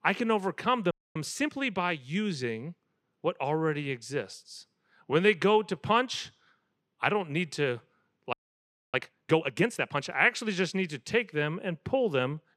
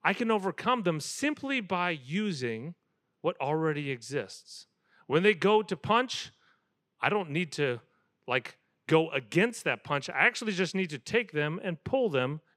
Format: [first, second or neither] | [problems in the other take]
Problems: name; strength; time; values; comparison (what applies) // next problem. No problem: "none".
second | audio freezing; at 1 s and at 8.5 s for 0.5 s